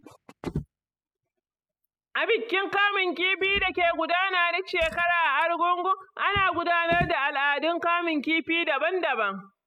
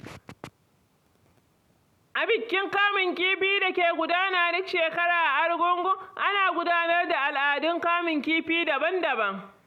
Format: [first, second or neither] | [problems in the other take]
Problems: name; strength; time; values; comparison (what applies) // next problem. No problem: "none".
second | noise reduction (classical method spectral subtraction)